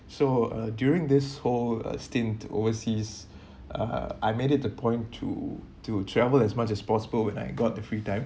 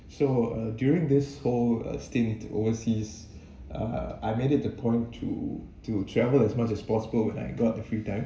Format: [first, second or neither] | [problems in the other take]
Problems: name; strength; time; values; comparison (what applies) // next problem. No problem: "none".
first | room echo; dies away in 0.7 s